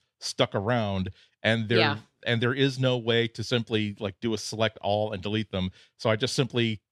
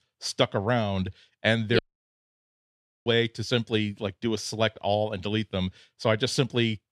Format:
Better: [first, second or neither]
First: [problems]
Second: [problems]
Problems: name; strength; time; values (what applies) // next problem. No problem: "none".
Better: first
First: none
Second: audio cutting out; at 2 s for 1.5 s